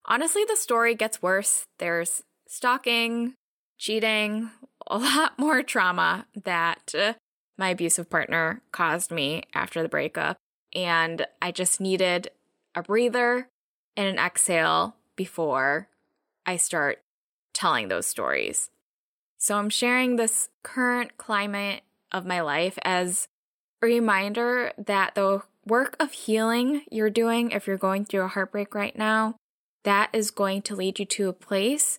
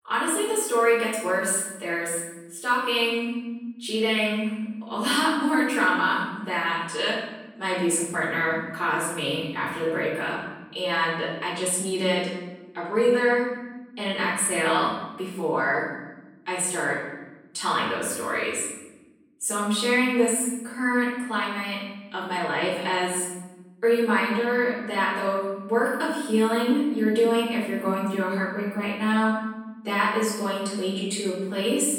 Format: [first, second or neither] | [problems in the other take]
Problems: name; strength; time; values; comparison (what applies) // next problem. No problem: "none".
first | off-mic speech; far // room echo; noticeable; dies away in 1 s